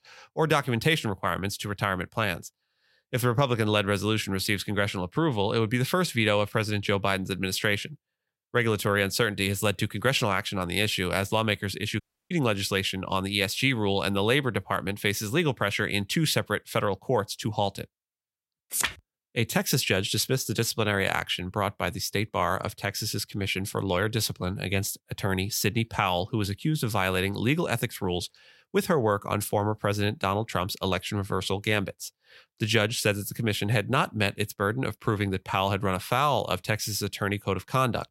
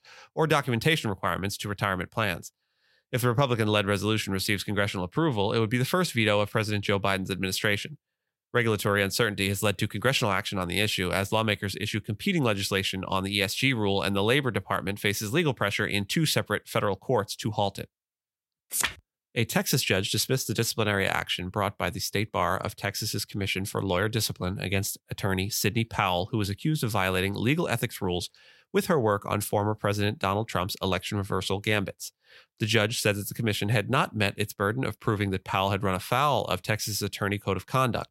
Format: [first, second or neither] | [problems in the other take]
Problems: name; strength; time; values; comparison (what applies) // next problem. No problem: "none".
second | audio cutting out; at 12 s